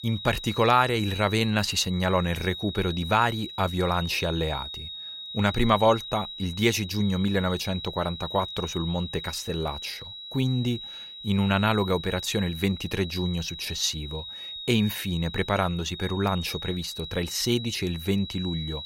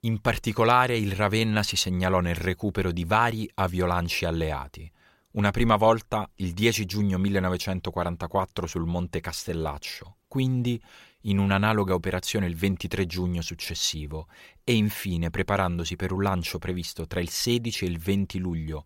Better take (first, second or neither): second